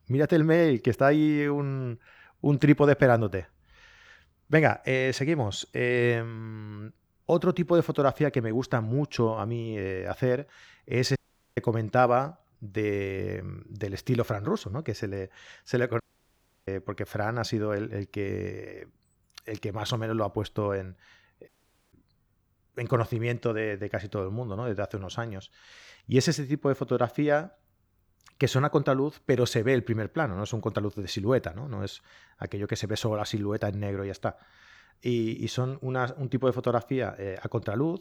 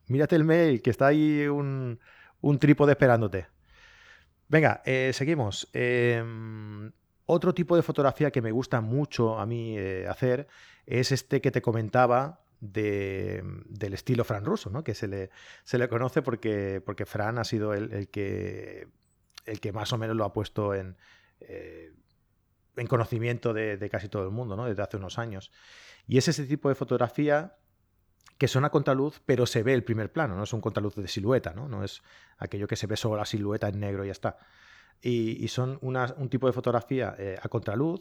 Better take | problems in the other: second | audio cutting out; at 11 s, at 16 s for 0.5 s and at 21 s

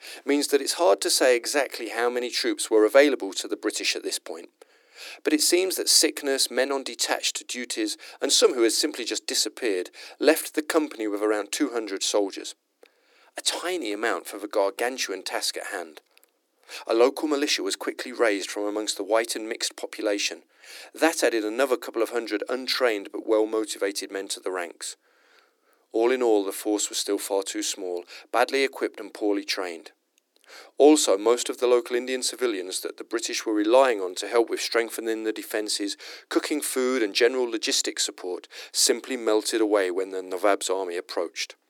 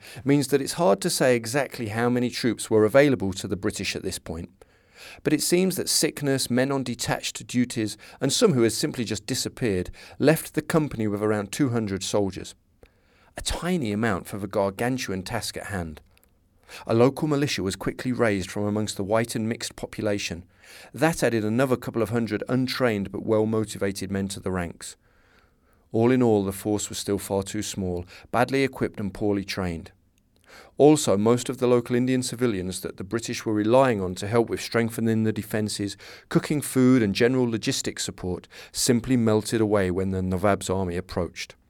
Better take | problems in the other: second | thin; somewhat; fading below 300 Hz

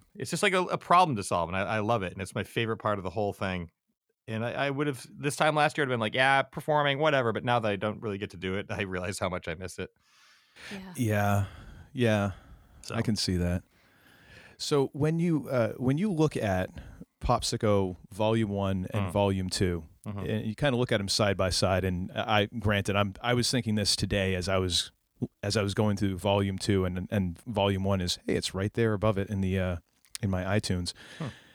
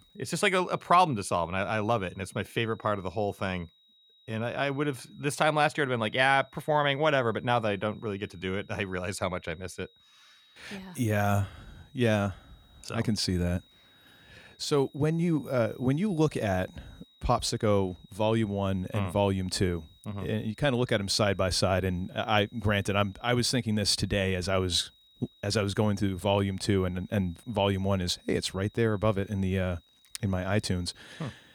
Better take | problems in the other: first | high-pitched whine; faint; throughout; 4 kHz, 30 dB below the speech

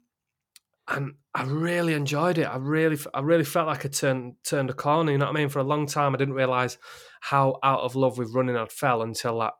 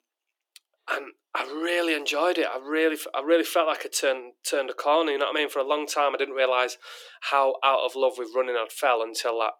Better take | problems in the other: first | thin; very; fading below 300 Hz

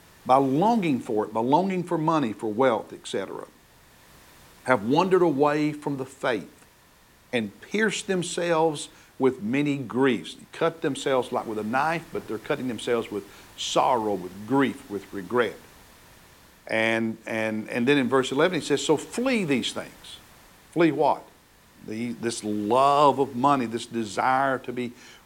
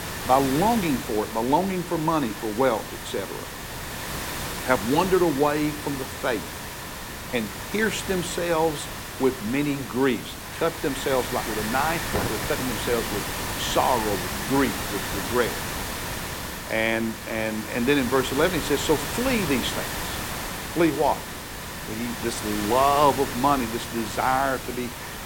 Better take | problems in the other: first | hiss; loud; throughout; 6 dB below the speech; faint in the first

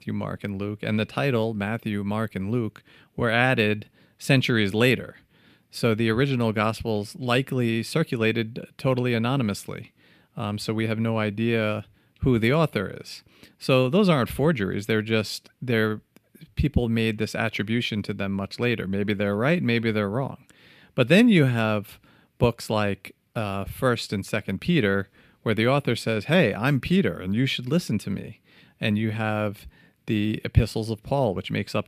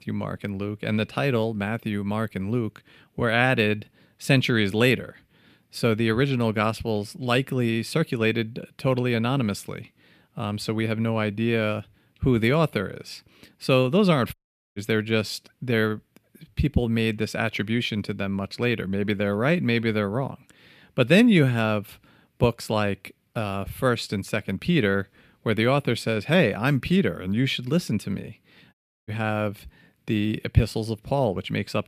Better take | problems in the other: first | audio cutting out; at 14 s and at 29 s

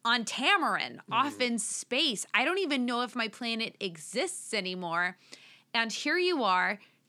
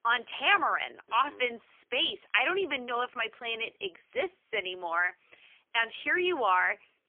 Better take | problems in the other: first | phone-call audio; poor line; nothing above 3.5 kHz

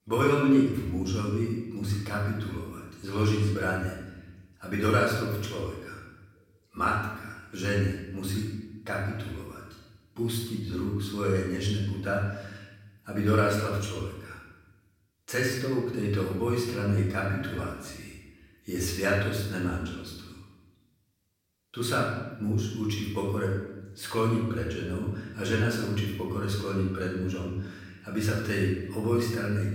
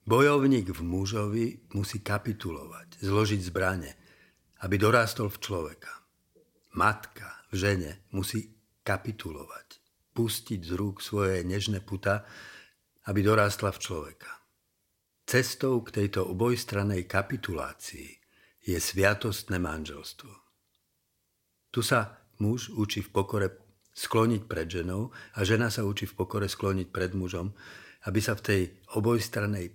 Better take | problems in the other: second | room echo; noticeable; dies away in 1 s // off-mic speech; far

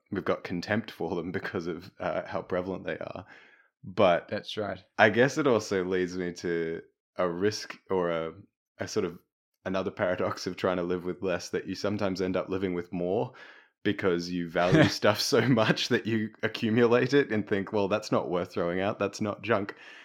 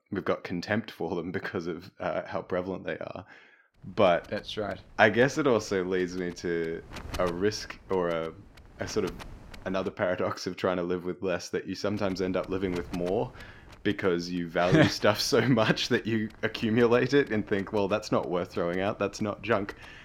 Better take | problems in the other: first | wind noise on the microphone; occasional gusts; from 4 to 10 s and from 12 s on; 20 dB below the speech

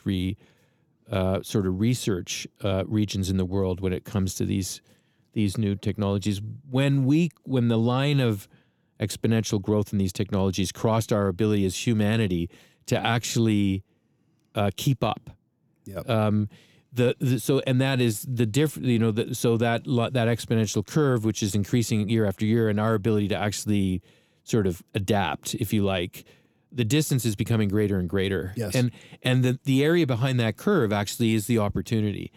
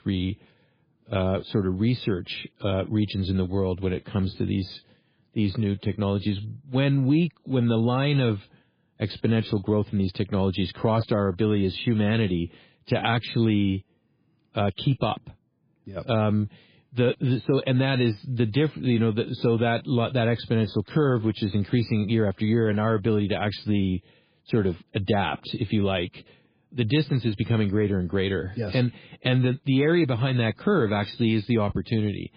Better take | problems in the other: first | garbled, watery; badly; nothing above 4 kHz

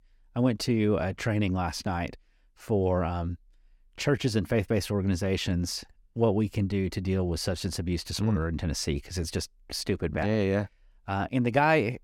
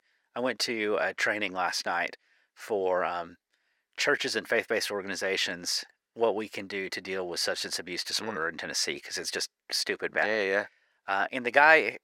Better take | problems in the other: first | thin; very; fading below 550 Hz

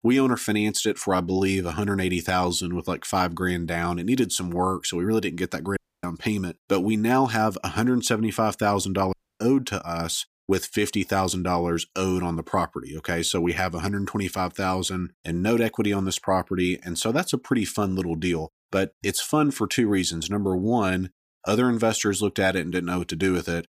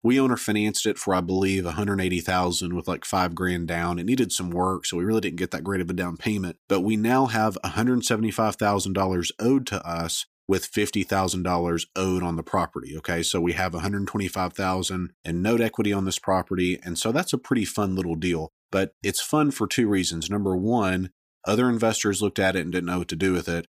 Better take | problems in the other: second | audio cutting out; at 6 s and at 9 s

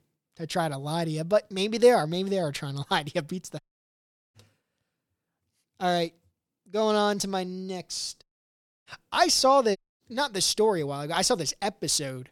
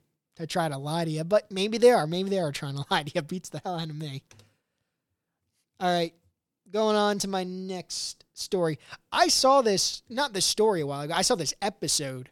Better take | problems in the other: second | audio cutting out; at 3.5 s for 0.5 s, at 8 s for 0.5 s and at 10 s

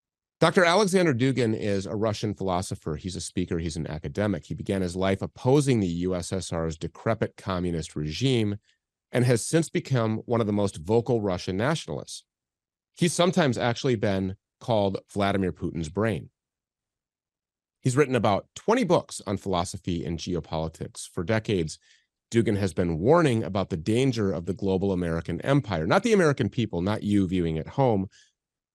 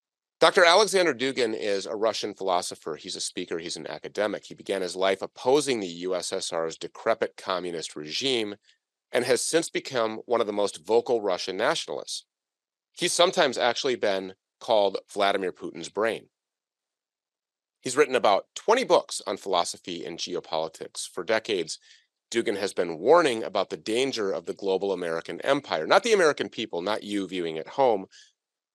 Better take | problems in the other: first | thin; somewhat; fading below 500 Hz

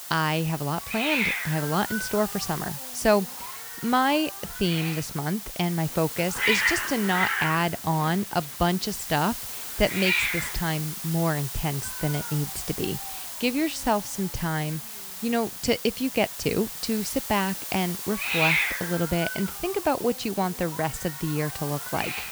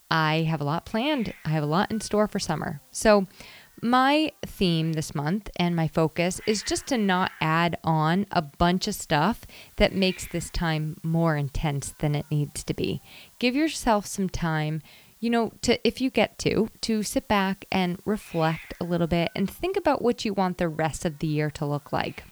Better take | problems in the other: second | hiss; loud; throughout; 3 dB below the speech; faint in the second

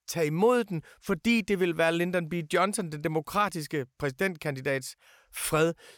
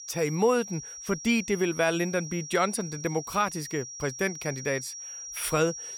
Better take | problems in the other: first | high-pitched whine; loud; throughout; 5.5 kHz, 10 dB below the speech

